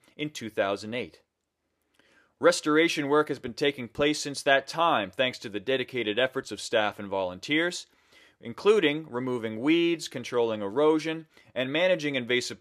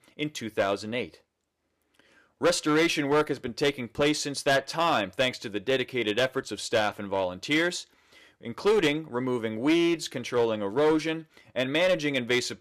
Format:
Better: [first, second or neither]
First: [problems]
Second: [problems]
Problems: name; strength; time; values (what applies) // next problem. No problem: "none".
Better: first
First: none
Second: distortion; slight; 5% of the sound clipped